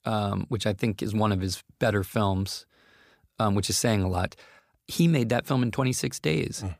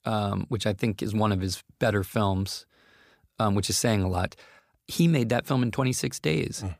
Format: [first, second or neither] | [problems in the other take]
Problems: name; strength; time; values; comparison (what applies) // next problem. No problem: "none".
neither | none